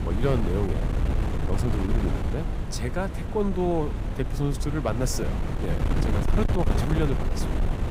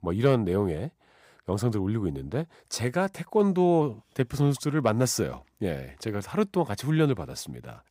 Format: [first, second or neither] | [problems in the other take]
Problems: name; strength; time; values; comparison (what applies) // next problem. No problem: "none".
second | wind noise on the microphone; heavy; 3 dB below the speech